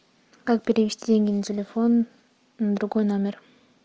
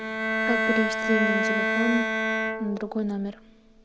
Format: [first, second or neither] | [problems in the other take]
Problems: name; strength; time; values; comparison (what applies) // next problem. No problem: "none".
first | background sound (Bowed string instrument); 2 dB above the speech